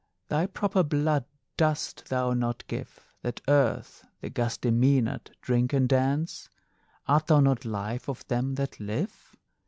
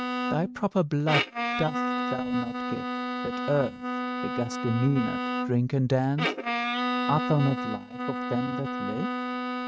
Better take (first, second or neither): first